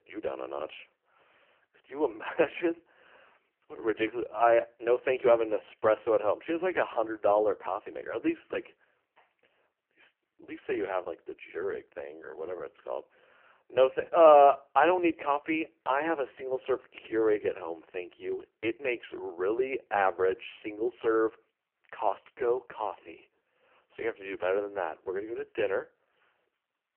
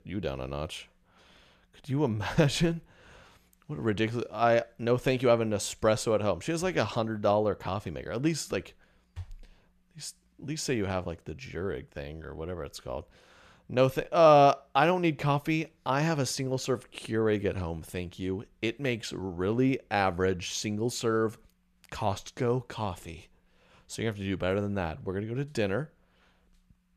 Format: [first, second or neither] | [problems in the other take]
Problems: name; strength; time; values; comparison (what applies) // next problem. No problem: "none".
second | phone-call audio; poor line; nothing above 3 kHz